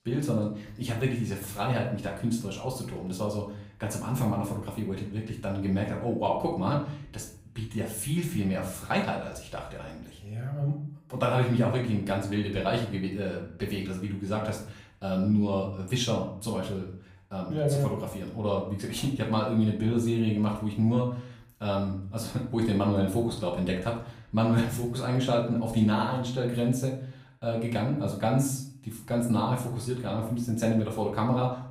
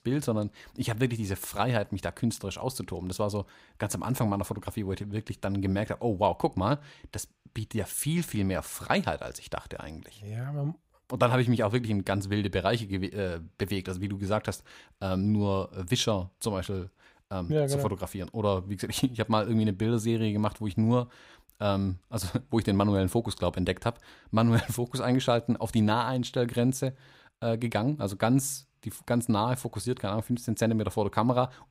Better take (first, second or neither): second